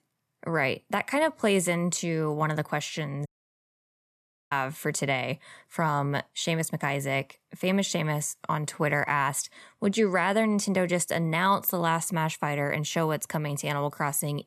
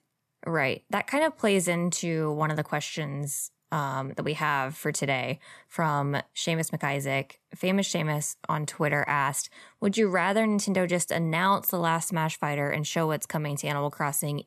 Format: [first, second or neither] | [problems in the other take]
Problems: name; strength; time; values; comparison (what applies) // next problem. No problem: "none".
second | audio cutting out; at 3.5 s for 1.5 s